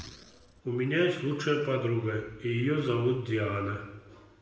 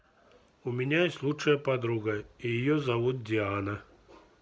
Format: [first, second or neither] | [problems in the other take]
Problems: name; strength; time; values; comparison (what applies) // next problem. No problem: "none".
second | room echo; dies away in 1.3 s